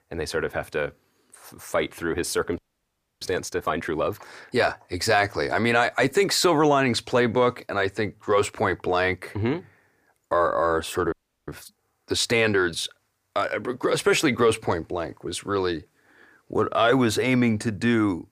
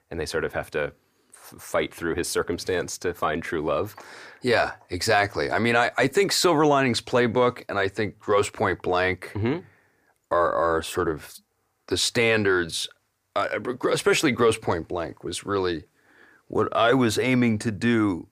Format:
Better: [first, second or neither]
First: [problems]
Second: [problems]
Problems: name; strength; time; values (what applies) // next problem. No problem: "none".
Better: second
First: audio freezing; at 2.5 s for 0.5 s and at 11 s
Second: none